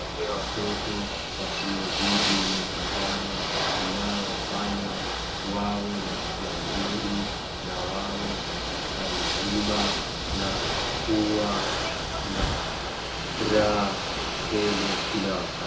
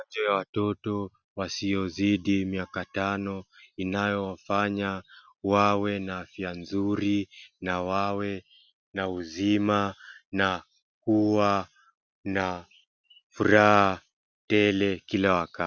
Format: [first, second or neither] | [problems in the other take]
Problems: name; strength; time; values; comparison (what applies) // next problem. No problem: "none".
second | background sound (Ocean / Boat, Water vehicle); 2 dB above the speech // room echo; dies away in 0.6 s